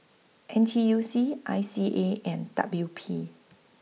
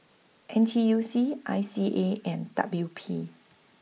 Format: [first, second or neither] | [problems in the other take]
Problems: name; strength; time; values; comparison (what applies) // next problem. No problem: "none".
first | noise reduction (neural mask model Resemble Enhance denoiser)